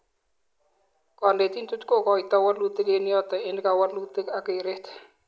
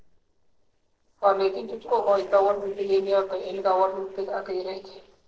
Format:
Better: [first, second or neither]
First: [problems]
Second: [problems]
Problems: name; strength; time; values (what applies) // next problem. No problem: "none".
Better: first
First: none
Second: noise reduction (neural separator model SepFormer DNS4)